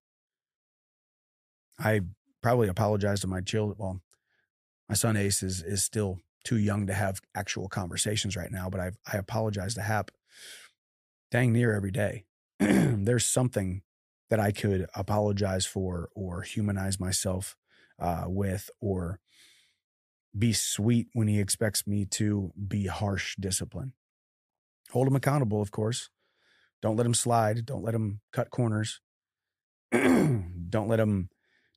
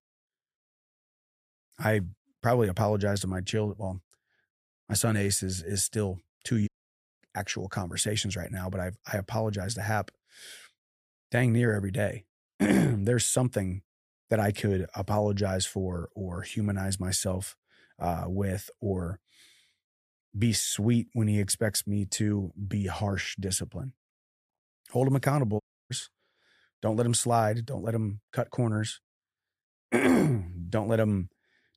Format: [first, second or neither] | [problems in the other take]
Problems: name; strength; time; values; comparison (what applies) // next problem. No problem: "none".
first | audio cutting out; at 6.5 s for 0.5 s and at 26 s